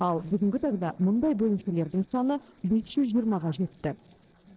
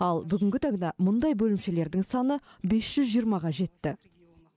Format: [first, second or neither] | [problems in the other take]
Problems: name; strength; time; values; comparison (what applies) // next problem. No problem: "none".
second | noise reduction (neural separator model SepFormer DNS4)